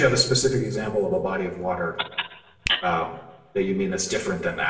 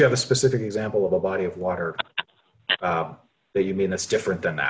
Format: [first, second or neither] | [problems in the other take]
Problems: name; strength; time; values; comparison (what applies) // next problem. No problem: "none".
second | background sound (Hands); 19 dB below the speech // room echo; dies away in 0.8 s